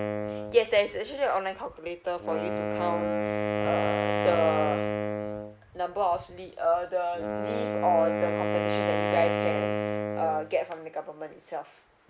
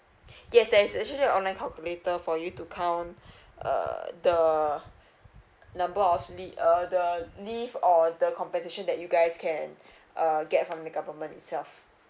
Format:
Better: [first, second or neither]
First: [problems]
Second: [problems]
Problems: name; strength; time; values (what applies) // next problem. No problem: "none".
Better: second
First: background sound (Wind instrument, woodwind instrument); 1 dB below the speech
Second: none